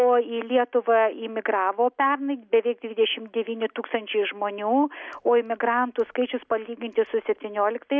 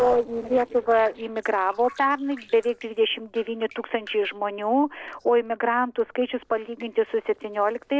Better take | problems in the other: first | noise reduction (neural separator model SepFormer DNS4)

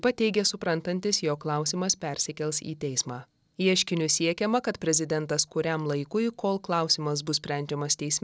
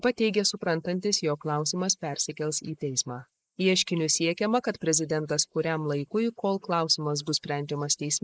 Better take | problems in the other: first | noise reduction (neural mask model Resemble Enhance denoiser)

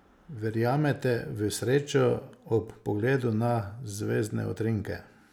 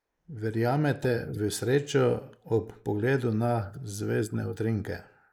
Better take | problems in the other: first | noise reduction (neural mask model Resemble Enhance denoiser)

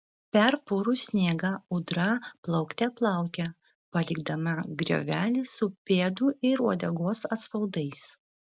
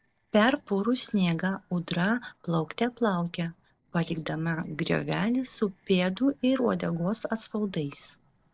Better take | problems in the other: first | noise reduction (neural separator model SepFormer DNS4)

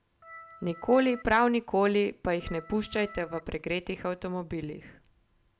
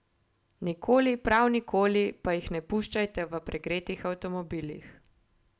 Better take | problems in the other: second | background sound (Organ); 18 dB below the speech

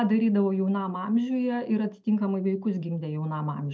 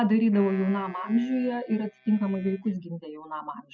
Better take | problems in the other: first | noise reduction (classical method spectral subtraction)

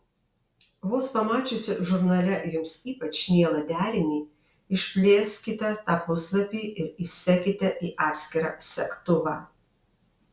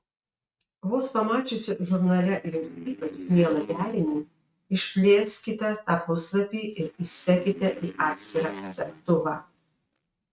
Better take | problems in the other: first | noise reduction (neural mask model RNNoise)

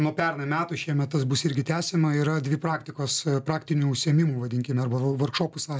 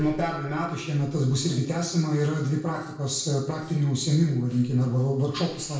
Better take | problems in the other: first | noise reduction (neural separator model SepFormer DNS4)

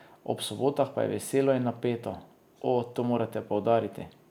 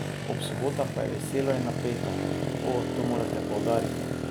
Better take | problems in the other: first | background sound (Motorcycle); 1 dB above the speech

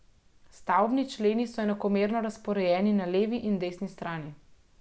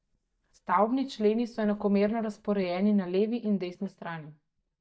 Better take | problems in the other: first | noise reduction (neural mask model DeepFilterNet 3)

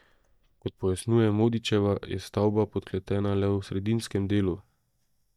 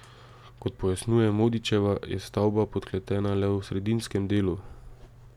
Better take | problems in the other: second | noise reduction (neural mask model DeepFilterNet 3)

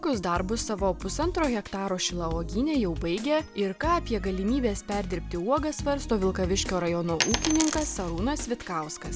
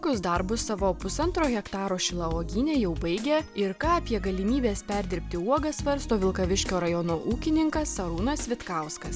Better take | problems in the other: second | background sound (Coin (dropping)); 3 dB below the speech

